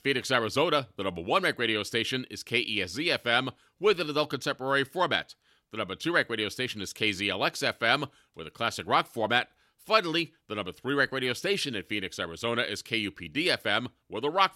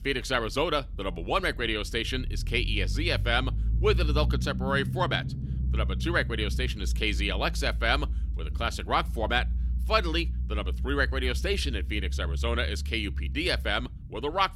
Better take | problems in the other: first | low rumble; noticeable; throughout; 20 dB below the speech

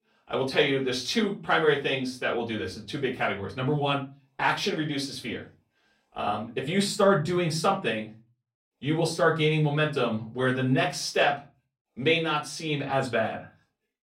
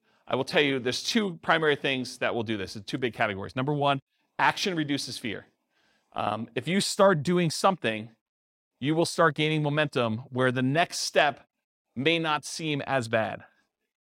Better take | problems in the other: second | off-mic speech; far // room echo; very slight; dies away in 0.3 s

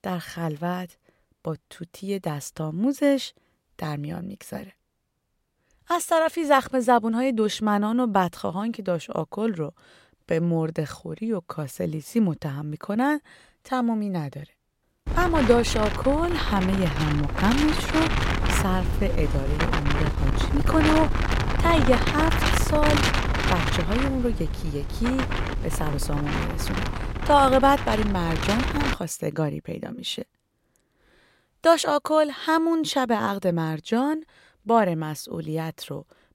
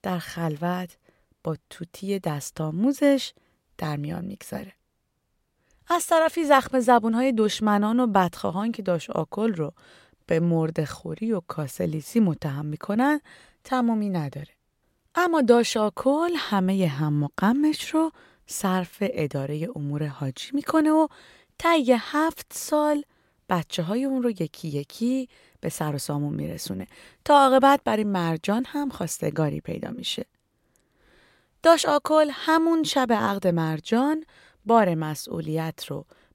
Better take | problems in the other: second | wind noise on the microphone; heavy; from 15 to 29 s; 3 dB below the speech

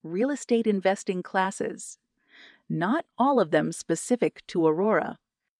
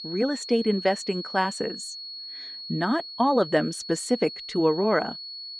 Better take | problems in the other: first | high-pitched whine; noticeable; throughout; 4.5 kHz, 10 dB below the speech

